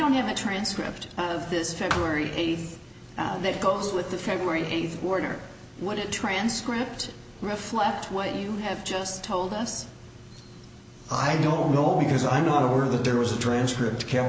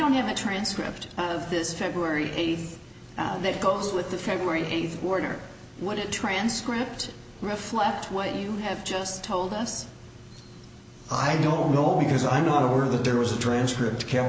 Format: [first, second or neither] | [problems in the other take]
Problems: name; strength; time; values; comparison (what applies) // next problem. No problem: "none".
second | background sound (Thump, thud); 8 dB below the speech